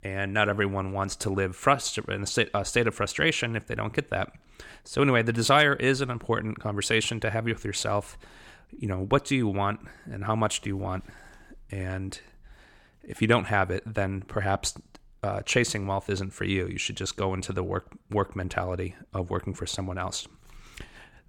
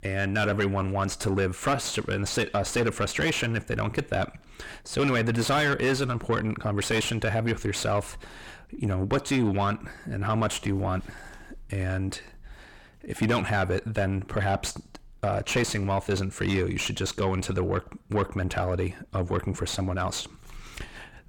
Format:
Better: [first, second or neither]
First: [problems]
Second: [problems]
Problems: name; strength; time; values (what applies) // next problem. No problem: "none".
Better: first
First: none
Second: distortion; heavy; 5 dB below the speech